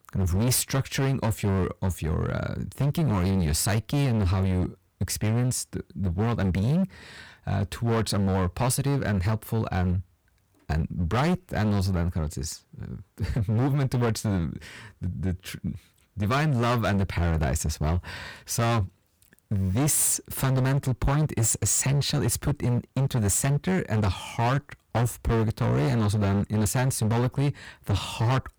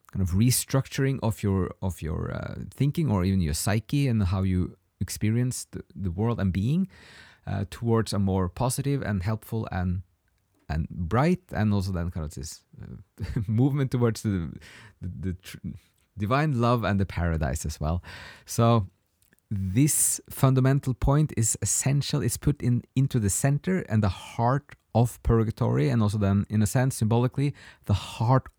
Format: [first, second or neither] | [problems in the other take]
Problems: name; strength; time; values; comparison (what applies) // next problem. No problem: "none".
second | distortion; heavy; 20% of the sound clipped